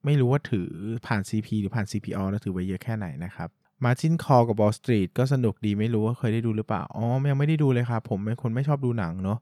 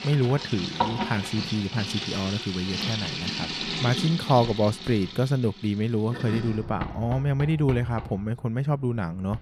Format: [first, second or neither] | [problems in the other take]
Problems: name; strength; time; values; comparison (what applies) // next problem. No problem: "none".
first | household noises; loud; throughout; 5 dB below the speech